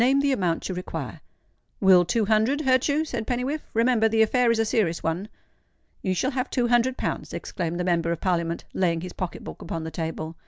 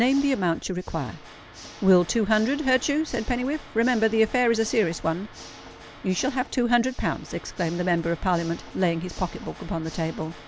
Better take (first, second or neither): first